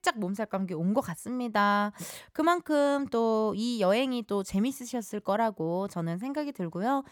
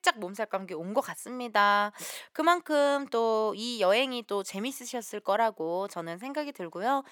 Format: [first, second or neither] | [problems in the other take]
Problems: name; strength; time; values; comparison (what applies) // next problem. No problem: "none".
first | thin; somewhat; fading below 400 Hz